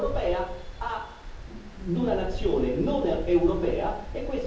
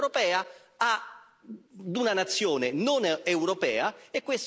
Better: second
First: background sound (Stream); 6 dB below the speech // room echo; dies away in 0.7 s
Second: none

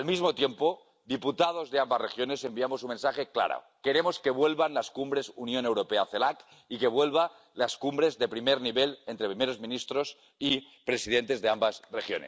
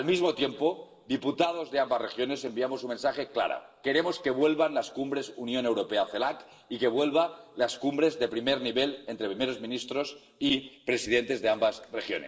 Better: first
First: none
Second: room echo; dies away in 1.9 s

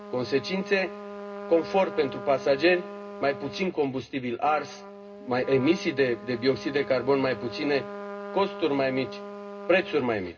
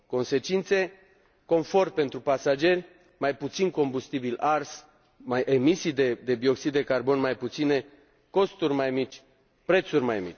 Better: second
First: background sound (Trumpet); 12 dB below the speech // room echo; dies away in 0.2 s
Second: none

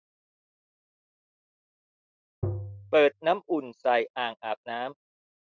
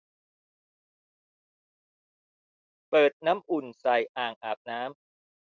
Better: second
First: noise reduction (classical method spectral subtraction)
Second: none

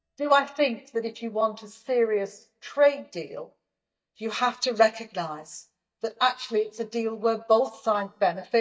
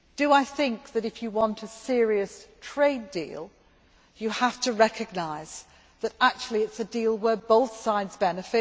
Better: second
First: noise reduction (neural mask model DeepFilterNet 3)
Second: none

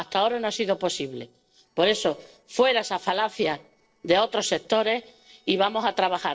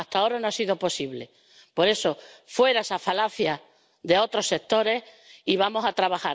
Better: second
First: noise reduction (neural separator model SepFormer DNS4)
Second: none

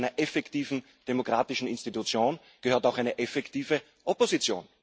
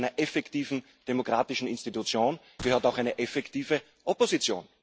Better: first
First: none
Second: background sound (Gunshot, gunfire); 17 dB below the speech

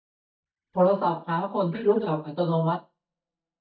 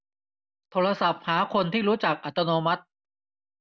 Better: second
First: noise reduction (neural mask model DeepFilterNet 3)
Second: none

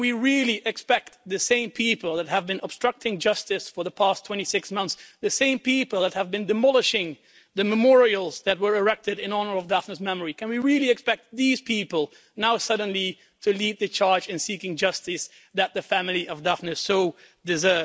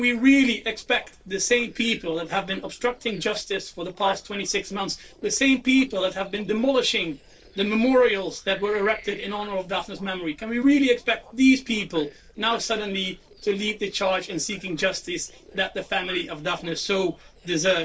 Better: first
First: none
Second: noise reduction (neural separator model SepFormer DNS4)

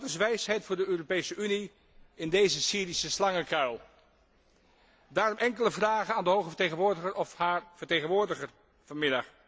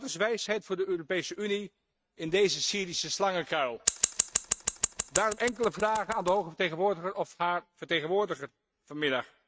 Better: first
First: none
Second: noise reduction (neural mask model RNNoise)

